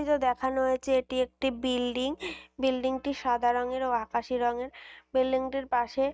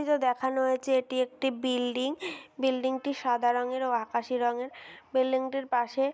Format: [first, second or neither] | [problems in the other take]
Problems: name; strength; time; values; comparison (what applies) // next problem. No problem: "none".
second | noise reduction (neural mask model RNNoise)